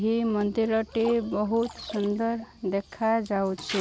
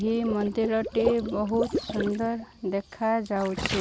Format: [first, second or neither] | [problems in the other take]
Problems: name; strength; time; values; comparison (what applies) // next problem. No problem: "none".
first | background sound (Water / Liquid); 7 dB below the speech